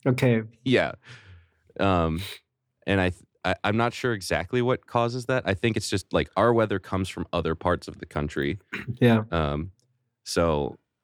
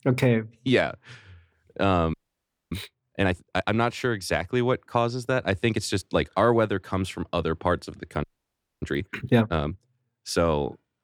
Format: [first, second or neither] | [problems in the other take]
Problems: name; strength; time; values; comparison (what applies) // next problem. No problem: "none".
first | audio freezing; at 2 s for 0.5 s and at 8 s for 0.5 s